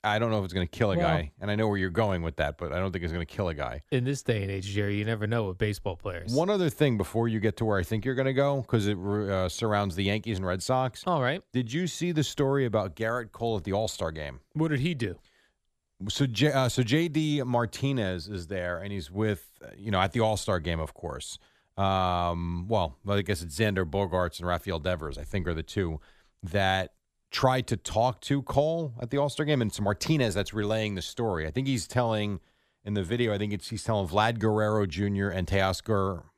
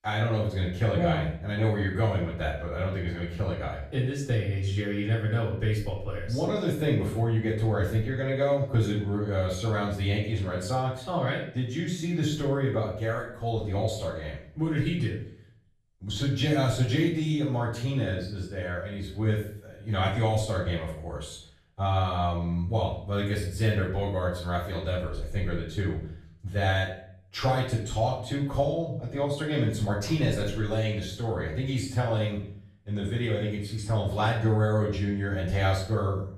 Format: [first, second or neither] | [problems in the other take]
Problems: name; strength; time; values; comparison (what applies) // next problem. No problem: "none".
first | off-mic speech; far // room echo; noticeable; dies away in 0.5 s